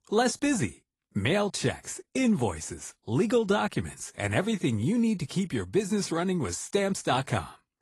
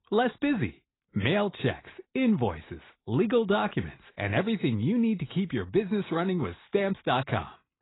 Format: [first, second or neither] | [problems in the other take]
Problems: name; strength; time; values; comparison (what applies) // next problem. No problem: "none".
first | garbled, watery; badly; nothing above 4 kHz; slightly in the first